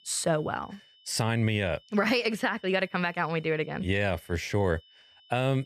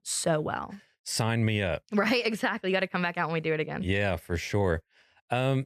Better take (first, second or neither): second